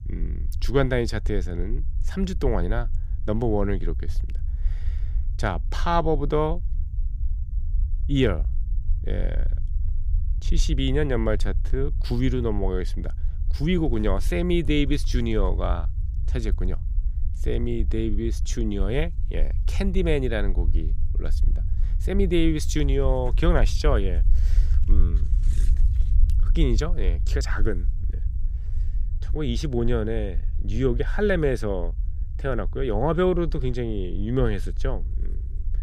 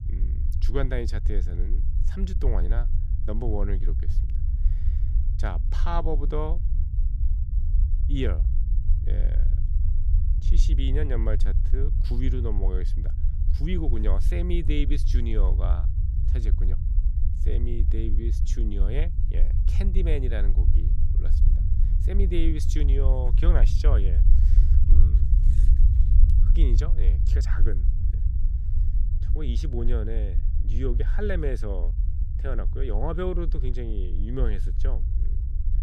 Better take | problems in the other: first | low rumble; loud; throughout; 9 dB below the speech; faint in the first

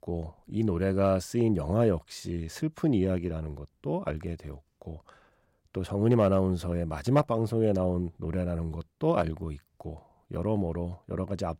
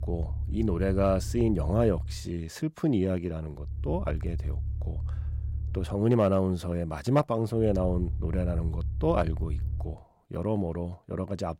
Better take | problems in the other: first | low rumble; faint; until 2 s, from 3.5 to 6 s and from 7.5 to 10 s; 20 dB below the speech

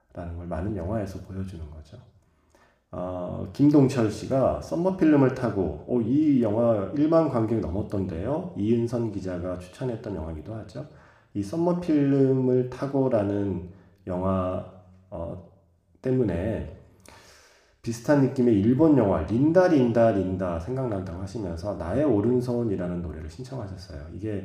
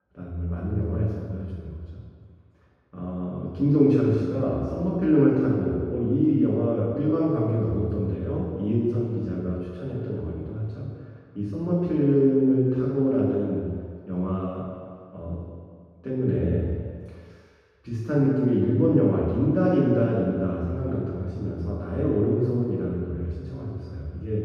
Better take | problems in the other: first | room echo; strong; dies away in 1.8 s; slight in the first // off-mic speech; far

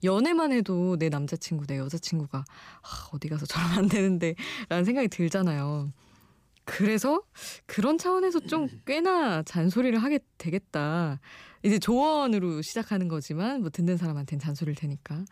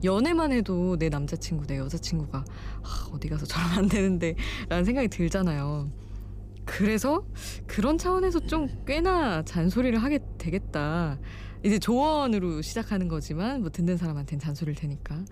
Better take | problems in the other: first | low rumble; faint; throughout; 25 dB below the speech

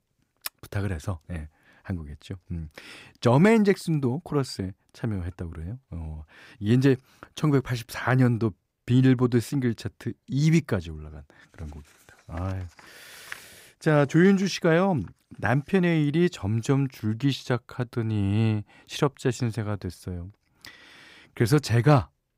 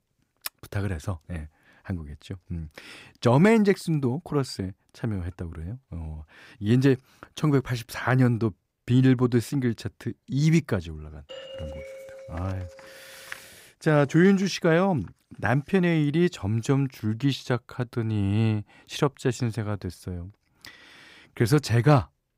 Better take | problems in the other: first | doorbell; faint; from 11 to 13 s; peak 15 dB below the speech

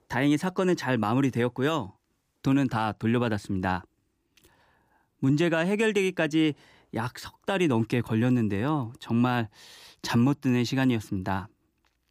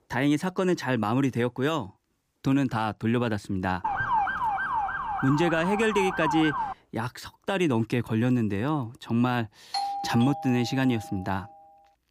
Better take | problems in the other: first | siren; loud; from 4 to 6.5 s; peak 1 dB above the speech // doorbell; noticeable; from 9.5 to 11 s; peak 3 dB below the speech

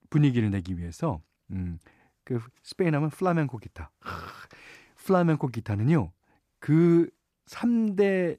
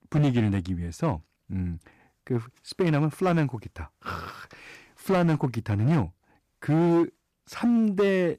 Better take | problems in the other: first | distortion; slight; 8% of the sound clipped

